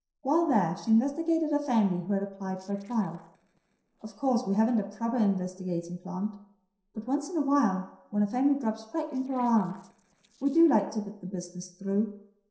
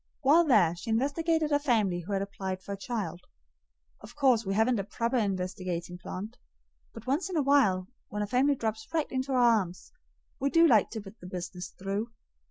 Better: second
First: noise reduction (neural separator model SepFormer DNS4)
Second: none

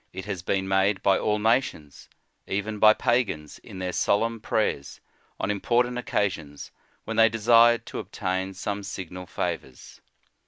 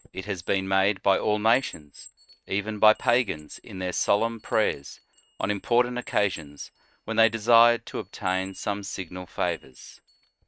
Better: first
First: none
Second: noise reduction (neural mask model RNNoise)

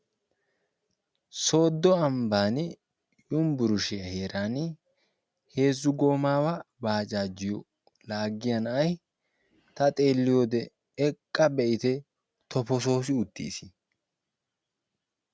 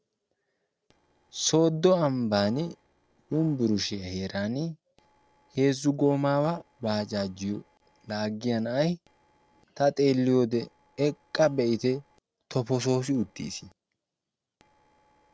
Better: first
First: none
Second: noise reduction (neural separator model SepFormer DNS4)

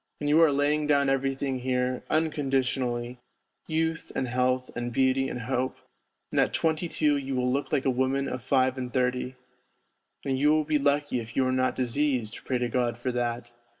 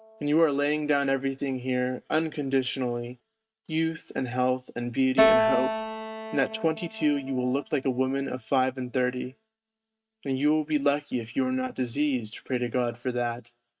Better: first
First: none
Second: noise reduction (neural mask model RNNoise)

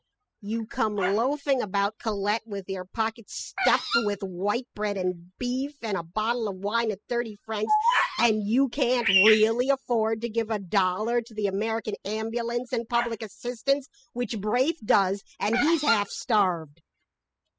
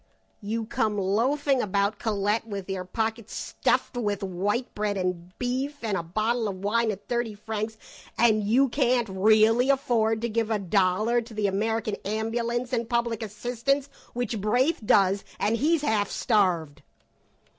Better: second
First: noise reduction (classical method spectral subtraction)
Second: none

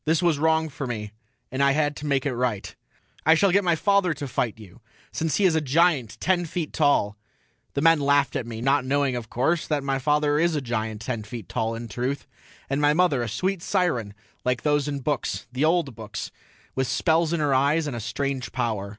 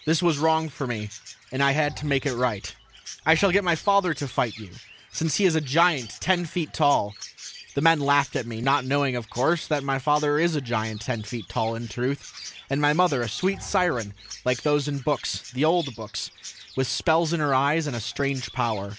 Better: first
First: none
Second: background sound (Bowed string instrument + Chirp, tweet); 18 dB below the speech

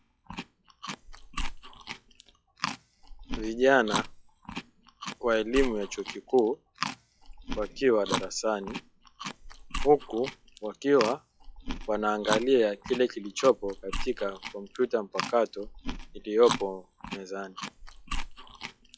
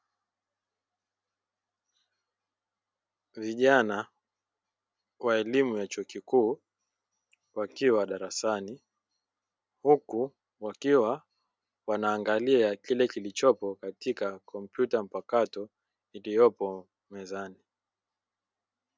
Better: second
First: noise reduction (classical method log-MMSE)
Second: none

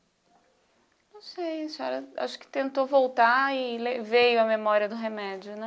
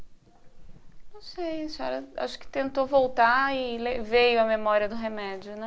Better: first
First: none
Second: background sound (Thunder / Wind / Bird vocalization, bird call, bird song); 13 dB below the speech

